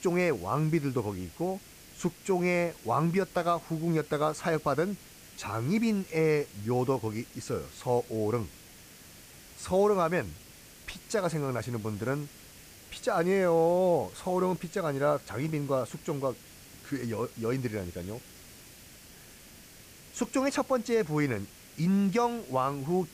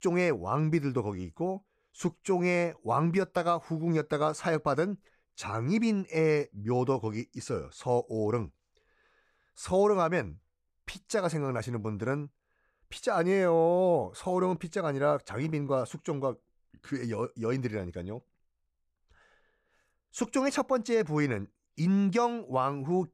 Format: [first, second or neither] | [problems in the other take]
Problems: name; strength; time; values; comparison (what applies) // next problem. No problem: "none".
second | hiss; noticeable; throughout; 20 dB below the speech